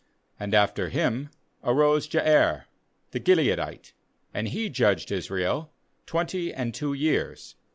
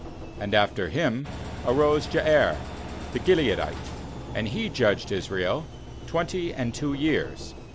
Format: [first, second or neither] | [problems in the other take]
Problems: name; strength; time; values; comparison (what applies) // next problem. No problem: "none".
first | background sound (Engine); 10 dB below the speech